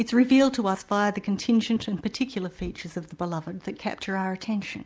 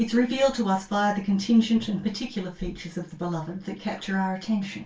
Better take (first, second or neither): first